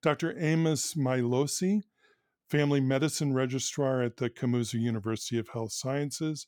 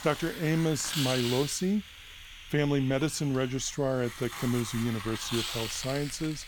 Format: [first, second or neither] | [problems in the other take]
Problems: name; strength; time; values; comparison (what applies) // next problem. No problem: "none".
first | hiss; loud; throughout; 7 dB below the speech